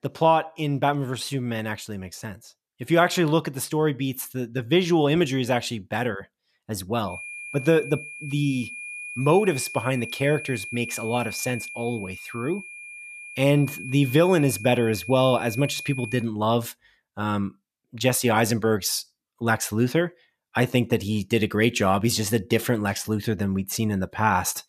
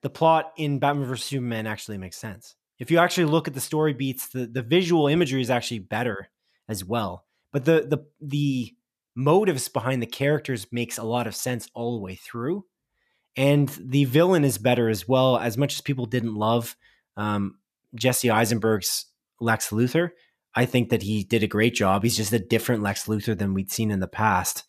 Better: second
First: high-pitched whine; noticeable; from 7 to 16 s; 2.5 kHz, 10 dB below the speech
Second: none

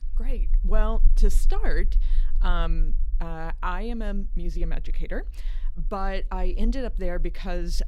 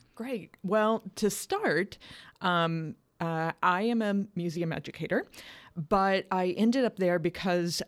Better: second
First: low rumble; faint; throughout; 25 dB below the speech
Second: none

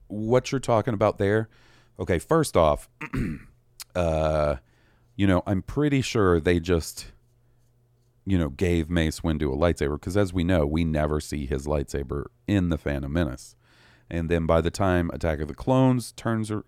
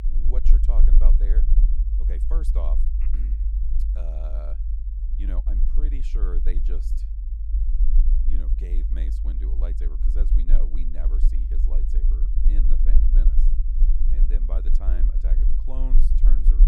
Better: first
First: none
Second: low rumble; loud; throughout; 3 dB below the speech

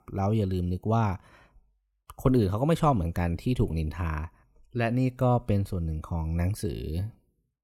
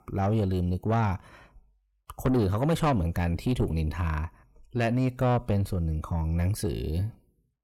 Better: first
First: none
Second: distortion; slight; 10 dB below the speech

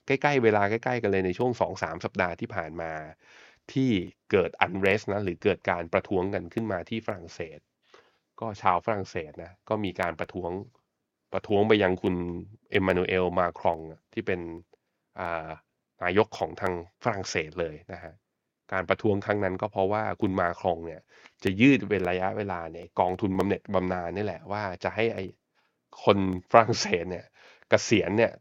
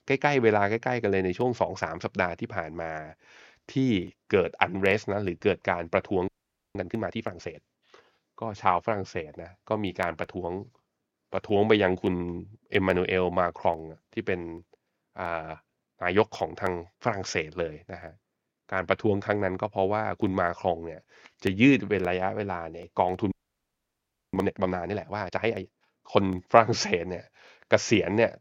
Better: first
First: none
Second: audio freezing; at 6.5 s and at 23 s for 1 s

